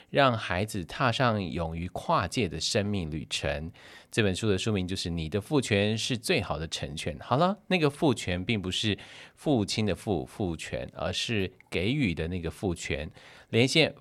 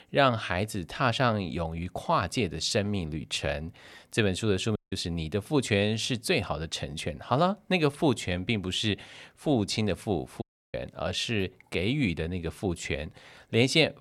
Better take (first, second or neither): first